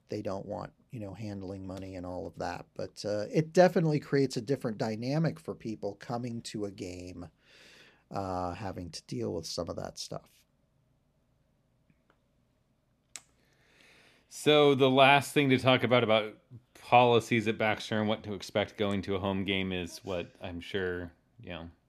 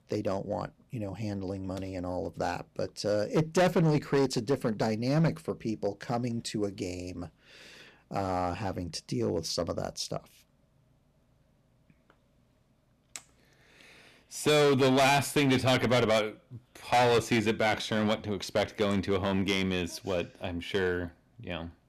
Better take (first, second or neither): first